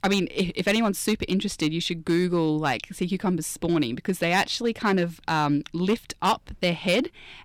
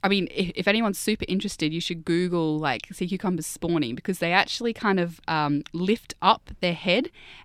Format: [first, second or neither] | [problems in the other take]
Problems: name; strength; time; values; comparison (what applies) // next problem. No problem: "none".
second | distortion; slight; 3% of the sound clipped